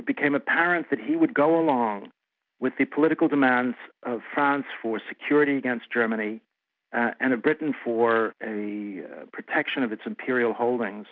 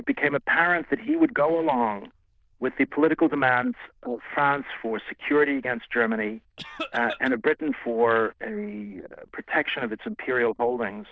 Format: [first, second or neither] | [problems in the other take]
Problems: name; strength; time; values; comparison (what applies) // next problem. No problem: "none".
first | noise reduction (neural diffusion model UNIVERSE++)